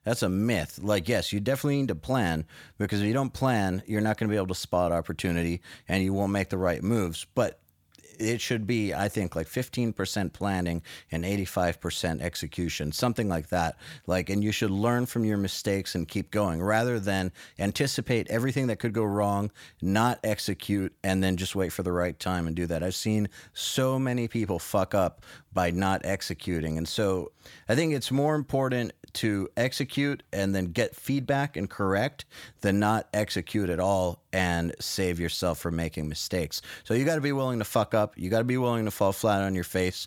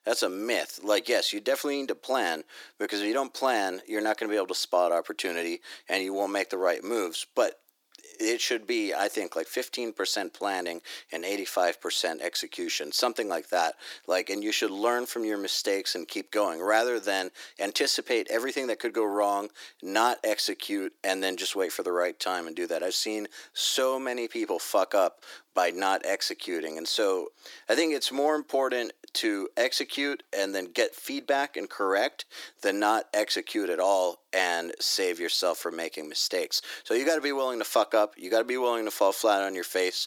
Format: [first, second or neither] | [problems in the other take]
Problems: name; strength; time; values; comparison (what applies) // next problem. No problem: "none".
first | thin; somewhat; fading below 300 Hz